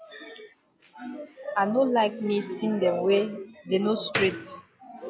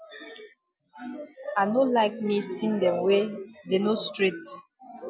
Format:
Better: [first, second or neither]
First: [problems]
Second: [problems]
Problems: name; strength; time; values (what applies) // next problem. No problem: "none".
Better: second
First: background sound (Slam); 15 dB below the speech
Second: none